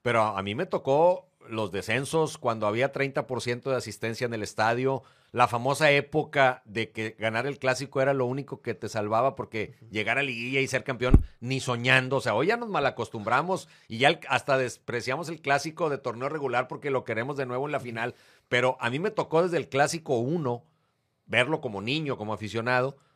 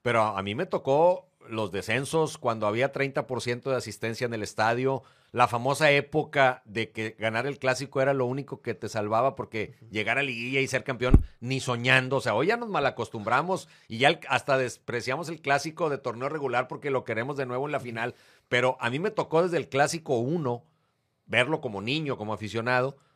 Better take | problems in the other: neither | footsteps; loud; at 11 s; peak 2 dB above the speech; the same in both

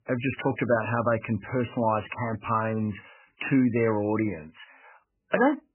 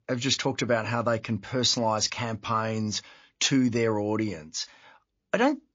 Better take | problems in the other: second | garbled, watery; badly; nothing above 3 kHz; slightly in the second

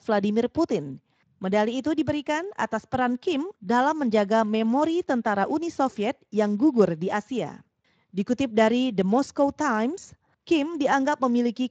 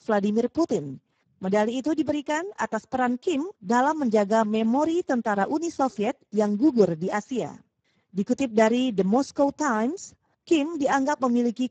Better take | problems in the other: first | garbled, watery; badly; nothing above 7.5 kHz; slightly in the first

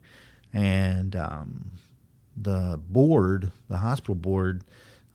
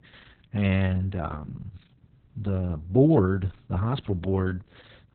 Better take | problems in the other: first | garbled, watery; badly; nothing above 4 kHz; slightly in the first

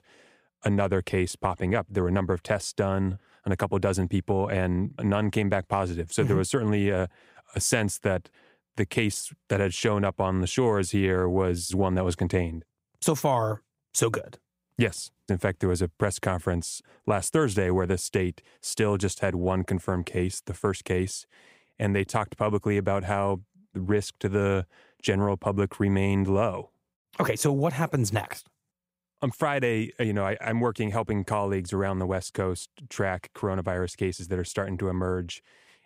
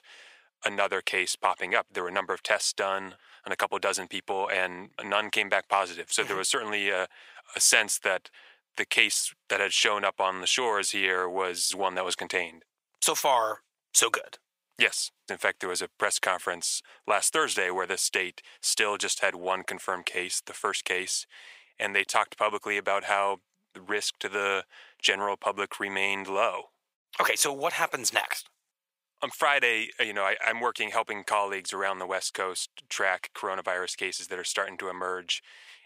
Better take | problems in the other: first | thin; very; fading below 800 Hz

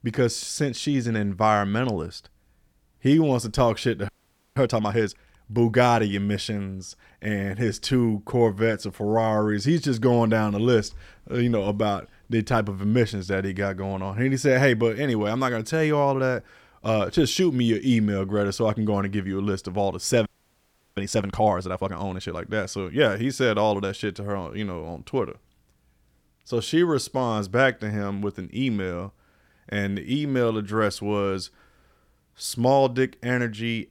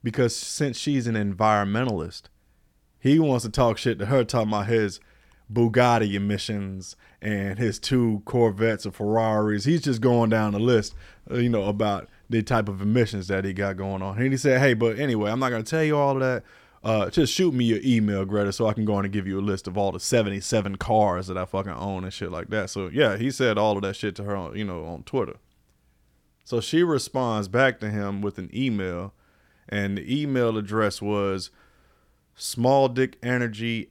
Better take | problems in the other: second | audio freezing; at 4 s and at 20 s for 0.5 s

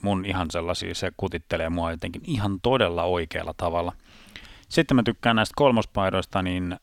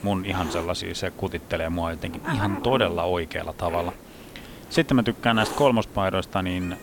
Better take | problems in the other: first | hiss; noticeable; throughout; 10 dB below the speech

